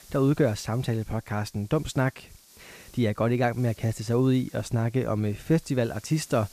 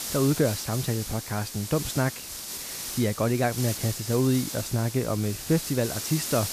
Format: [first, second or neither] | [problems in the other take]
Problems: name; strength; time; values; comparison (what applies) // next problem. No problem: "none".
first | hiss; loud; throughout; 6 dB below the speech; faint in the first